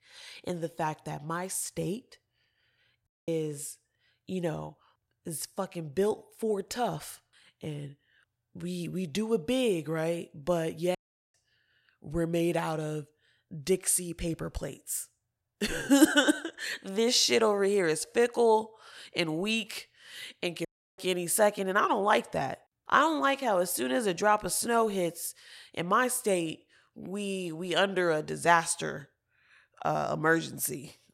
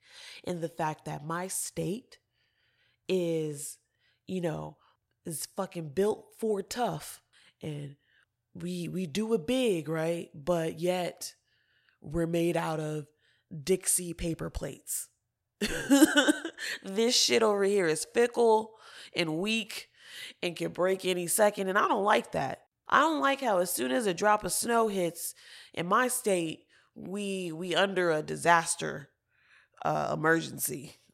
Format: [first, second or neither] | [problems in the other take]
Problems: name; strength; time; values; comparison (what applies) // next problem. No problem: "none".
second | audio cutting out; at 3 s, at 11 s and at 21 s